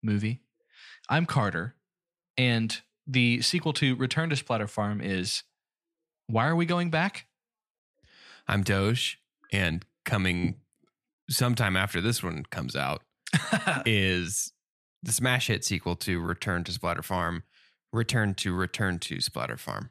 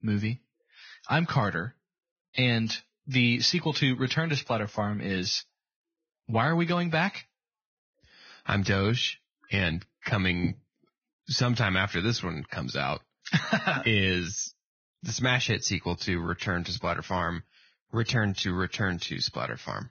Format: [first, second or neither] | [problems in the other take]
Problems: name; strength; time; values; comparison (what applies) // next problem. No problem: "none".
first | garbled, watery; badly; nothing above 6.5 kHz